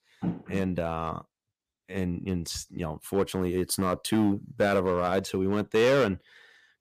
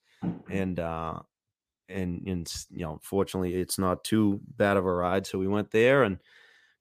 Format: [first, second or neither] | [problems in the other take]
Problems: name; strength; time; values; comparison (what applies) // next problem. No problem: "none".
second | distortion; slight; 3% of the sound clipped